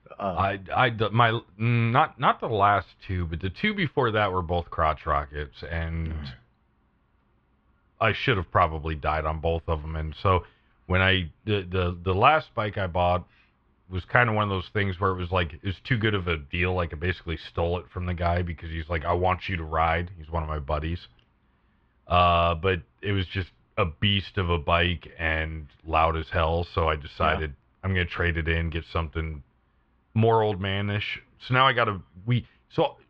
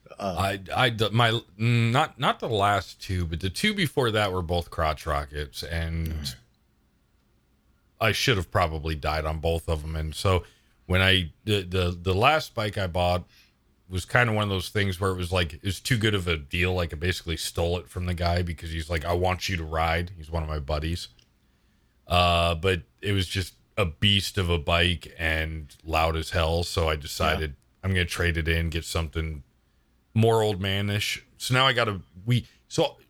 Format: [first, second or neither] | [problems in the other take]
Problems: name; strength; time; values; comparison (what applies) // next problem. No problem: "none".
second | muffled; very; fading above 3 kHz